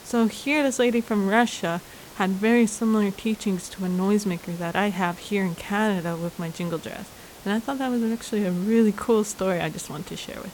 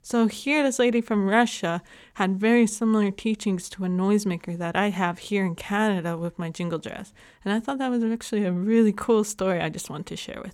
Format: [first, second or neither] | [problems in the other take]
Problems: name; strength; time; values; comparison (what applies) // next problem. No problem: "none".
second | hiss; noticeable; throughout; 20 dB below the speech